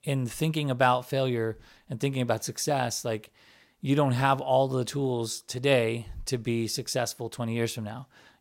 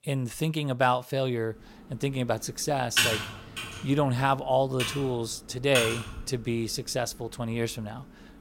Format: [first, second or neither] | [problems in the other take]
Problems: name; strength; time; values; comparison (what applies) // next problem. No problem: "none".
first | keyboard typing; loud; from 3 to 6 s; peak 5 dB above the speech